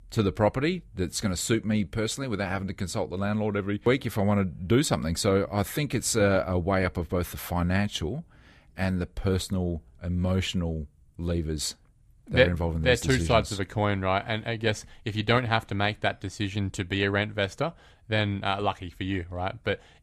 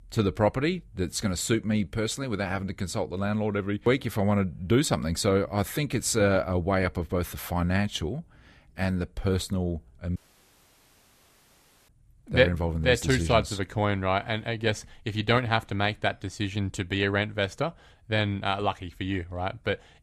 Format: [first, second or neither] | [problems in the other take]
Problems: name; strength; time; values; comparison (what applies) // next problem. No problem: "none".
first | audio cutting out; at 10 s for 1.5 s